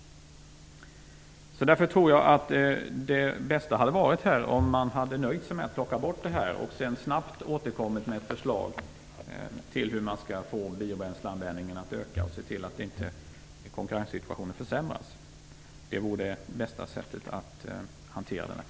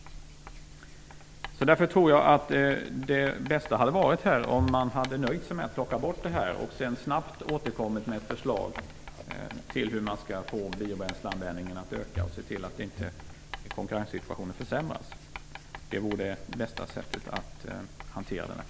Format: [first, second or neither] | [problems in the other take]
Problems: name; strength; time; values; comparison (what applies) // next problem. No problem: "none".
first | background sound (Writing); 15 dB below the speech